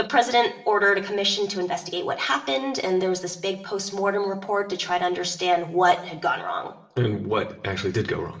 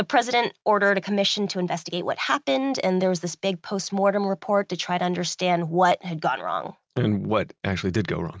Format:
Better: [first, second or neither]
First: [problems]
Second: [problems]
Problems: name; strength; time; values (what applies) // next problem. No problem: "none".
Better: second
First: room echo; dies away in 0.6 s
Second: none